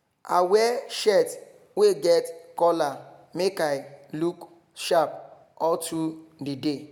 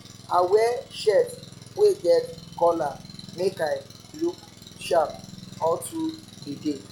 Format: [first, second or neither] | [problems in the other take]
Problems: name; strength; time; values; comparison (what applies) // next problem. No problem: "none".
first | noise reduction (classical method log-MMSE)